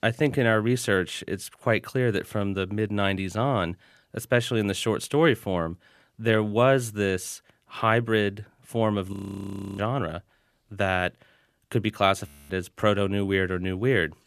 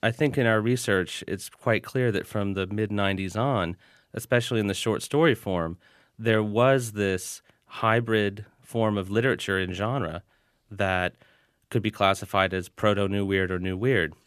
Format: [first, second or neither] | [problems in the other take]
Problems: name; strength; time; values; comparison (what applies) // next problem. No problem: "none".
second | audio freezing; at 9 s for 0.5 s and at 12 s